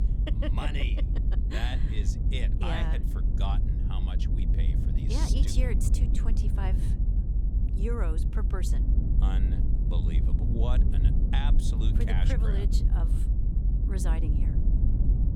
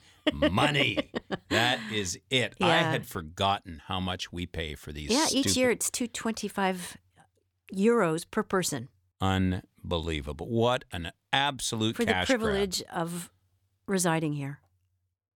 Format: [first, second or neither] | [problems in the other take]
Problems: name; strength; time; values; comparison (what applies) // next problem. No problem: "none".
second | low rumble; loud; throughout; 4 dB below the speech